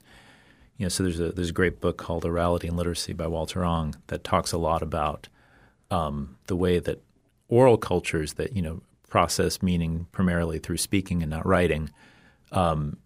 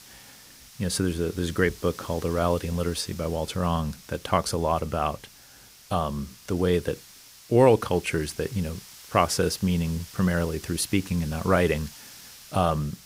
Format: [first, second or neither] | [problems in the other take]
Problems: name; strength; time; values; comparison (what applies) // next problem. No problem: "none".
first | hiss; noticeable; throughout; 20 dB below the speech